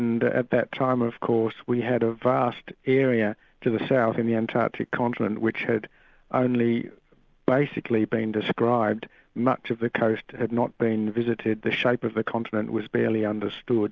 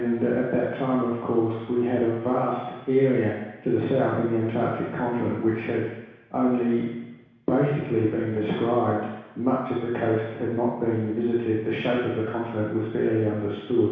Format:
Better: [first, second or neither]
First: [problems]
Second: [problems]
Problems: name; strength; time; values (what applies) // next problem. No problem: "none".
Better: first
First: none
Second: room echo; dies away in 1.1 s